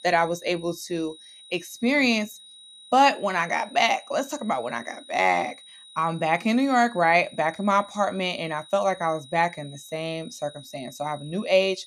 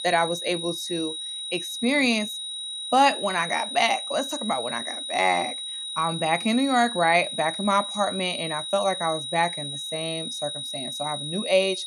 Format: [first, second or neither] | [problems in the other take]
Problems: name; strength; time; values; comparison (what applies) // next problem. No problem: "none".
first | high-pitched whine; loud; throughout; 4 kHz, 5 dB below the speech; faint in the first